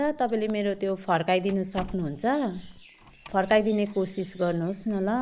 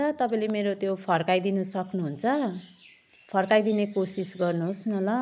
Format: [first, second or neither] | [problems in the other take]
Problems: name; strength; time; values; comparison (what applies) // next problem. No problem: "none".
second | background sound (Slam + Cricket); 19 dB below the speech